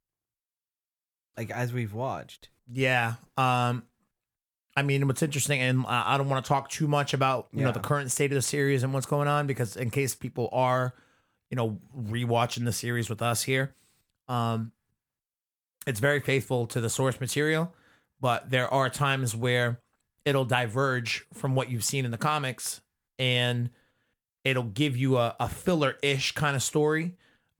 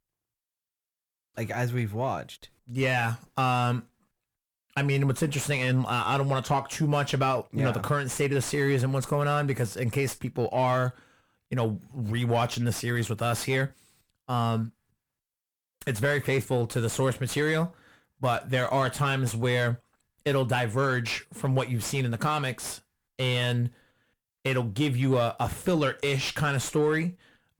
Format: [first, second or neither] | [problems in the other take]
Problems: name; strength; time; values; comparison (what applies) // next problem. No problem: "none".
first | distortion; slight; 10 dB below the speech